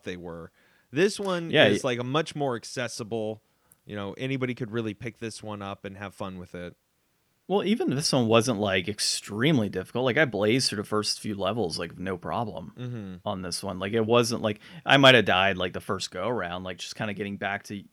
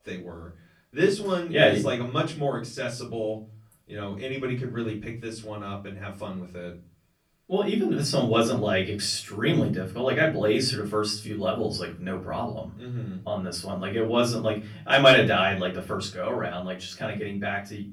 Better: first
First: none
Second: off-mic speech; far // room echo; very slight; dies away in 0.3 s

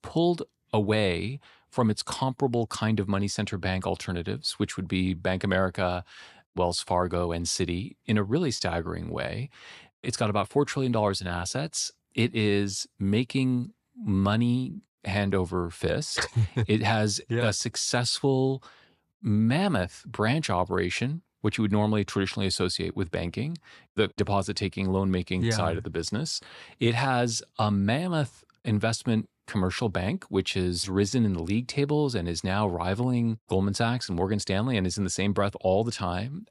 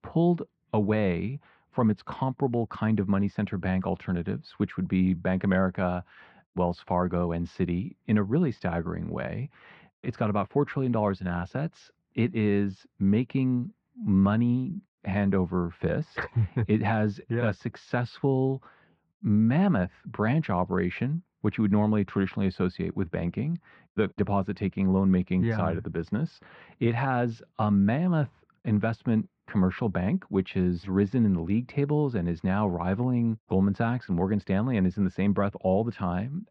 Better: first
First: none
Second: muffled; very; fading above 2 kHz

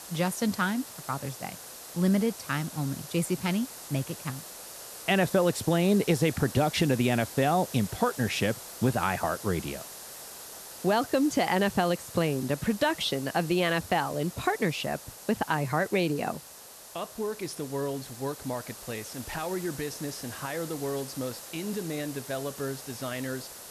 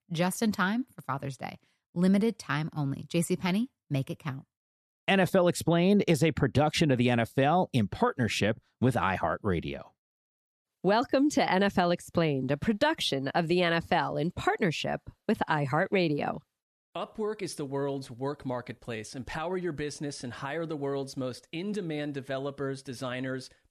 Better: second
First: hiss; noticeable; throughout; 10 dB below the speech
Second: none

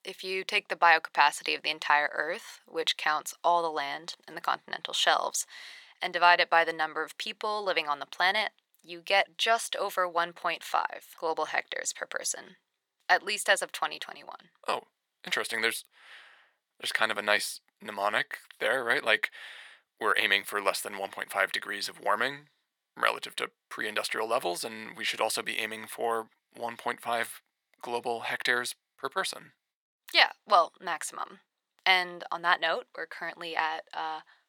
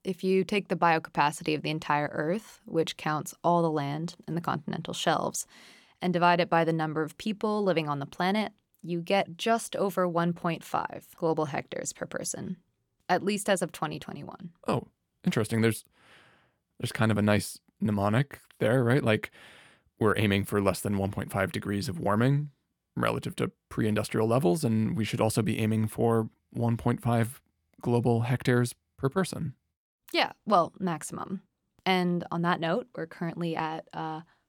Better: second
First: thin; very; fading below 750 Hz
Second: none

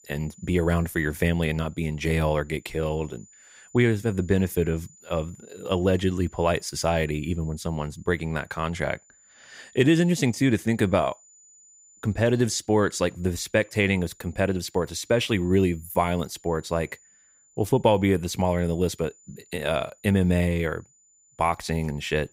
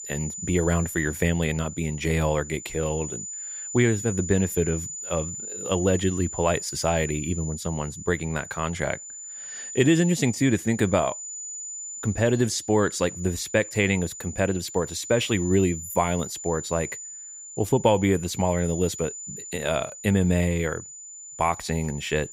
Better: first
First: high-pitched whine; faint; throughout; 7 kHz, 30 dB below the speech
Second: high-pitched whine; loud; throughout; 7 kHz, 10 dB below the speech

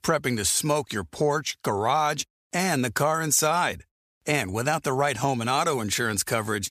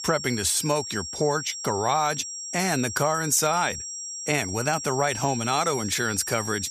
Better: first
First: none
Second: high-pitched whine; loud; throughout; 5.5 kHz, 7 dB below the speech

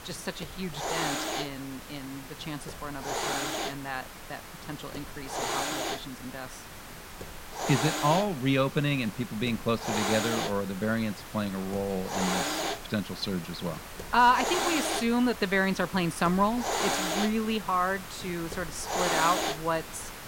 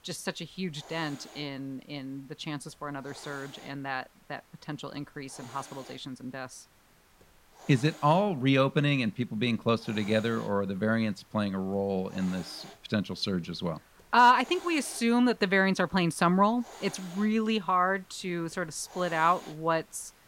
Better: second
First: hiss; loud; throughout; 4 dB below the speech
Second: hiss; faint; throughout; 25 dB below the speech

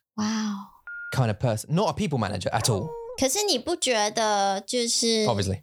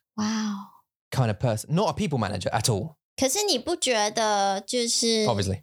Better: second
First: phone ringing; faint; at 1 s; peak 10 dB below the speech // dog barking; faint; at 2.5 s; peak 10 dB below the speech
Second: none

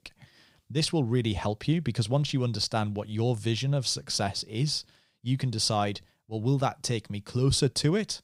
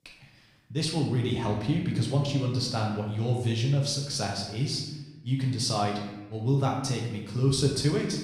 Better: first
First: none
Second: room echo; noticeable; dies away in 0.9 s // off-mic speech; far

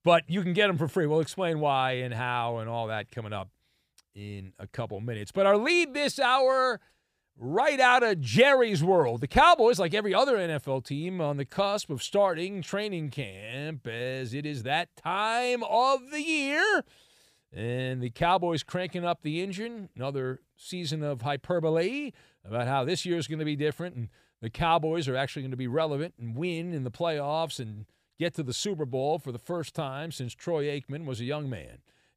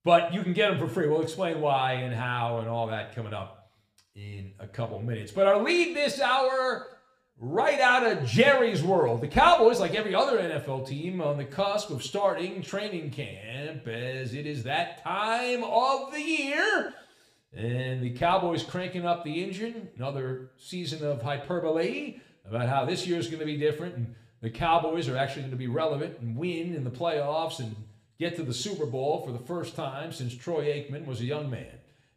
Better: first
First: none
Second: room echo; very slight; dies away in 0.5 s

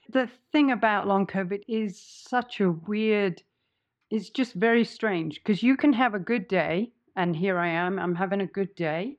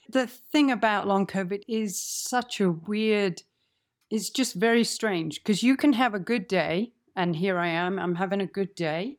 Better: second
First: muffled; slightly; fading above 2.5 kHz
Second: none

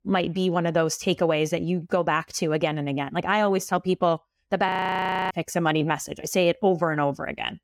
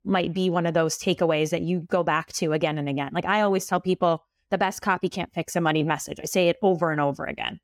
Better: second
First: audio freezing; at 4.5 s for 0.5 s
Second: none

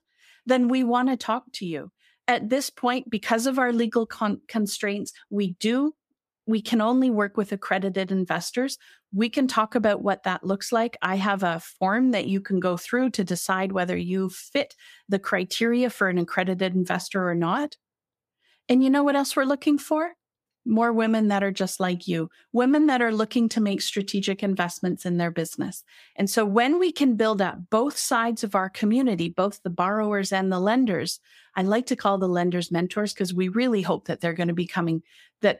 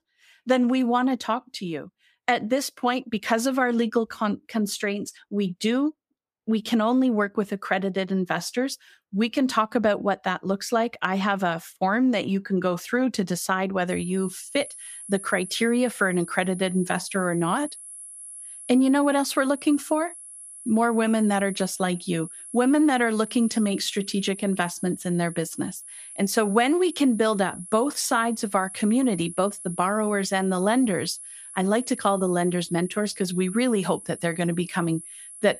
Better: first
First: none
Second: high-pitched whine; noticeable; from 14 s on; 11 kHz, 15 dB below the speech

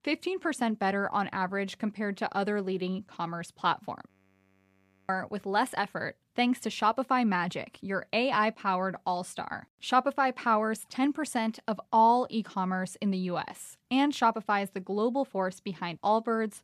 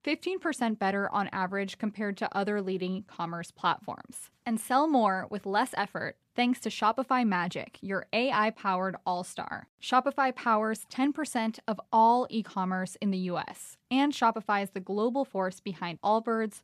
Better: second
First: audio freezing; at 4 s for 1 s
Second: none

